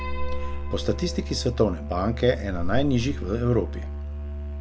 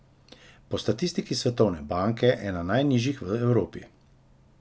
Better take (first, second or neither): second